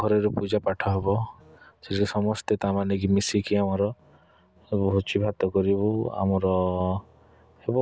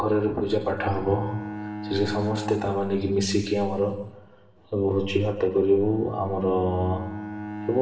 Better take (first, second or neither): first